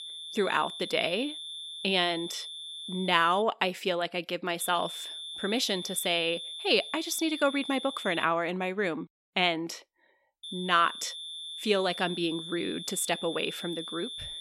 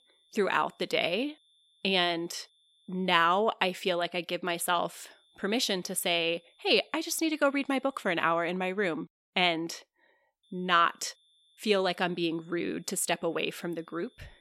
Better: second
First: high-pitched whine; loud; until 3.5 s, from 4.5 to 8.5 s and from 10 s on; 3.5 kHz, 9 dB below the speech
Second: high-pitched whine; faint; until 3.5 s, from 4.5 to 8.5 s and from 10 s on; 3.5 kHz, 35 dB below the speech

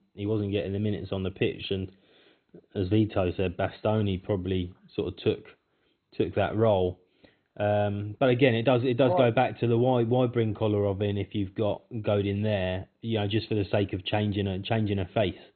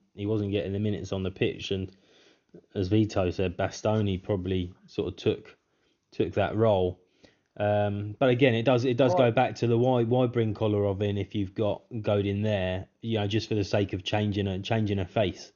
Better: second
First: garbled, watery; badly; nothing above 4 kHz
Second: garbled, watery; slightly; nothing above 6.5 kHz

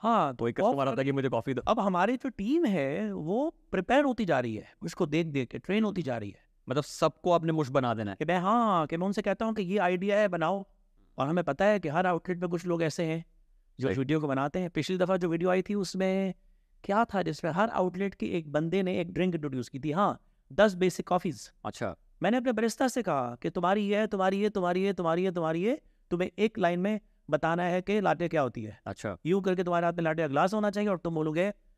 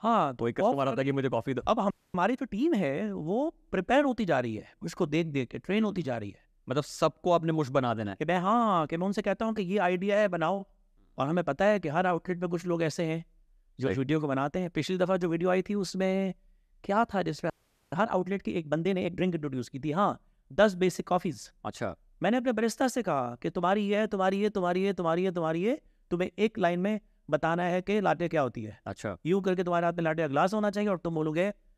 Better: first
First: none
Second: audio freezing; at 2 s and at 18 s

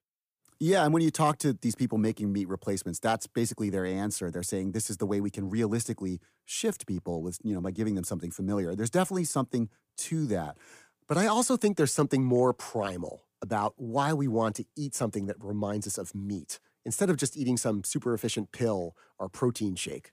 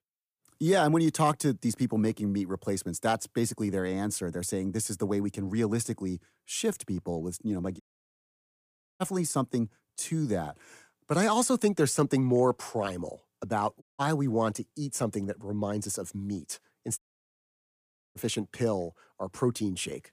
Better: first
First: none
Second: audio cutting out; at 8 s for 1 s, at 14 s and at 17 s for 1 s

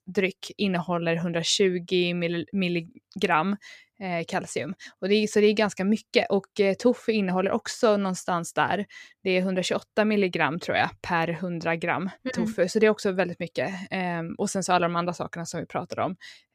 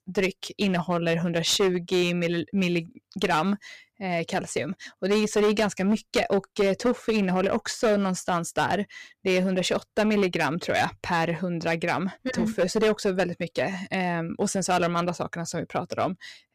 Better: first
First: none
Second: distortion; slight; 7% of the sound clipped

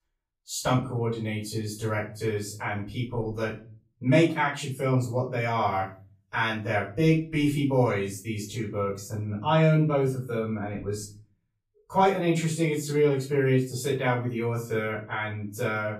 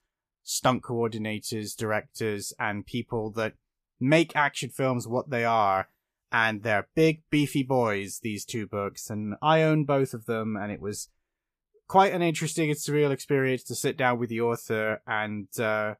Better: second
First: off-mic speech; far // room echo; slight; dies away in 0.4 s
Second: none

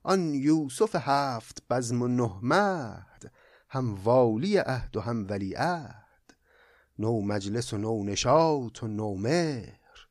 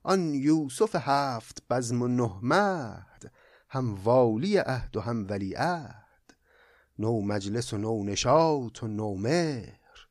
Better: neither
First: none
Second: none

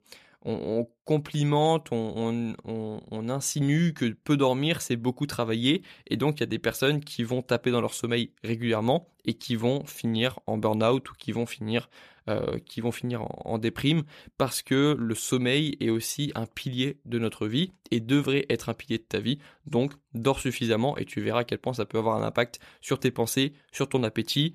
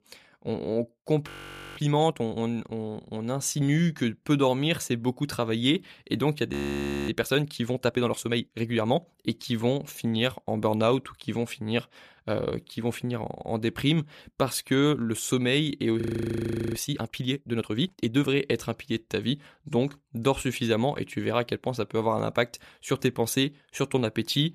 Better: first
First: none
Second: audio freezing; at 1.5 s, at 6.5 s for 0.5 s and at 16 s for 1 s

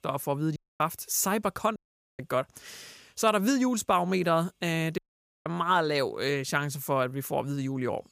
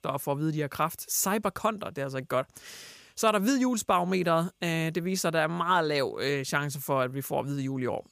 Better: second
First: audio cutting out; at 0.5 s, at 2 s and at 5 s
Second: none

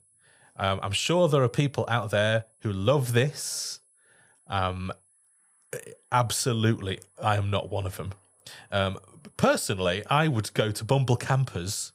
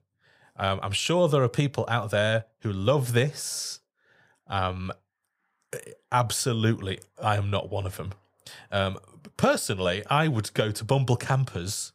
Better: second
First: high-pitched whine; faint; throughout; 10.5 kHz, 35 dB below the speech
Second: none

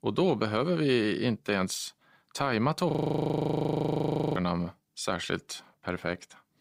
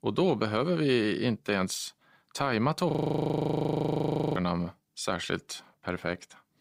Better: neither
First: audio freezing; at 3 s for 1.5 s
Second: audio freezing; at 3 s for 1.5 s

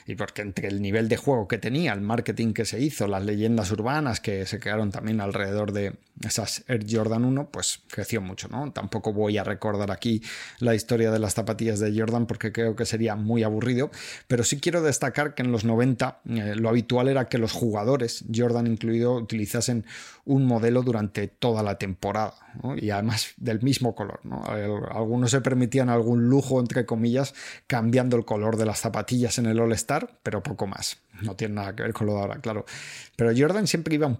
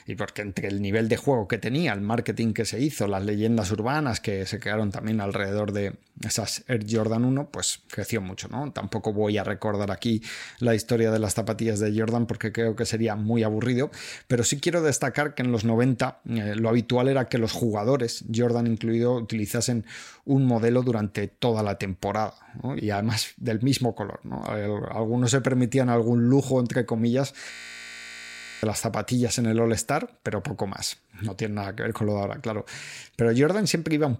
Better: first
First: none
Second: audio freezing; at 28 s for 1 s

